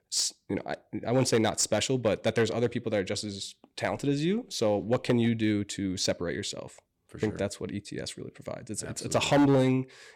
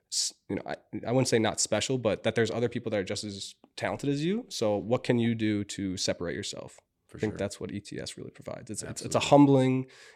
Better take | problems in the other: second | distortion; slight; 3% of the sound clipped

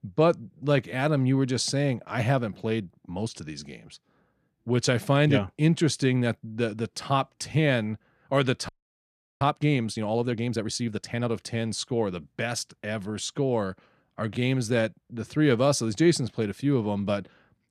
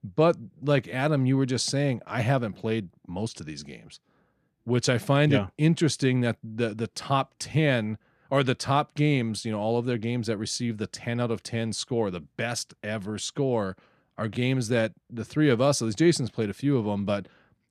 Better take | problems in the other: second | audio freezing; at 8.5 s for 0.5 s

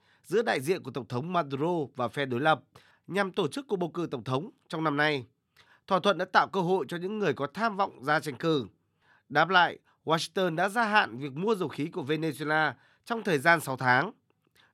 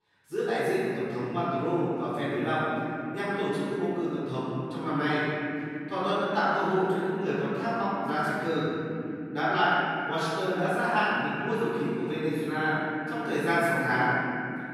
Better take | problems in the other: first | room echo; strong; dies away in 3 s // off-mic speech; far

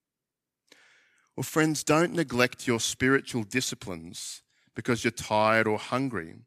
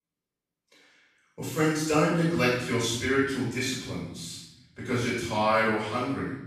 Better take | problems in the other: first | off-mic speech; far // room echo; noticeable; dies away in 0.9 s

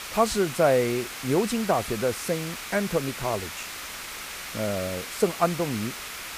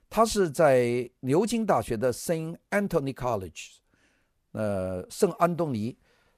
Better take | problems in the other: second | hiss; loud; throughout; 8 dB below the speech

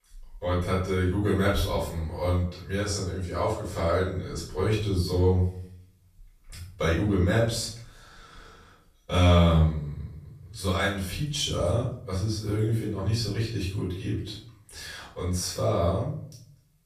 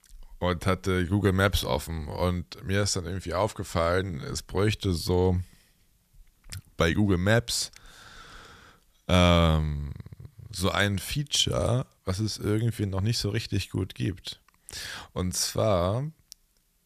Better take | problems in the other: second | off-mic speech; far // room echo; noticeable; dies away in 0.5 s

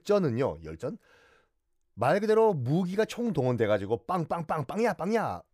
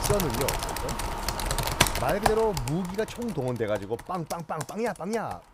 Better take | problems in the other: first | household noises; very loud; throughout; 2 dB above the speech

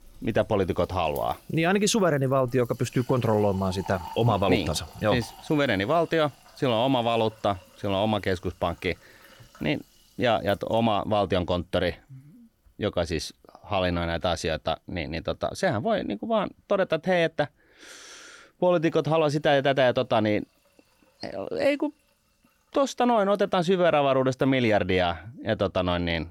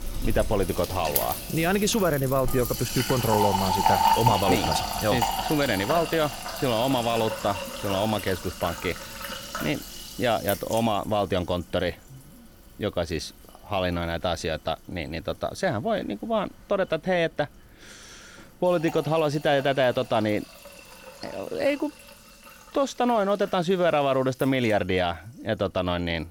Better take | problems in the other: first | household noises; loud; throughout; 3 dB below the speech; faint in the first

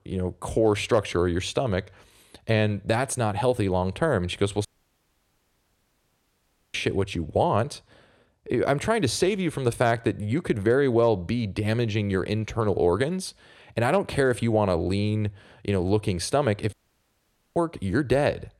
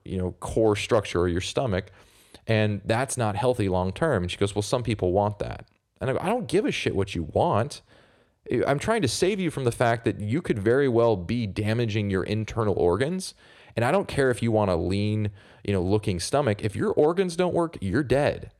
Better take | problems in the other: second | audio cutting out; at 4.5 s for 2 s and at 17 s for 1 s

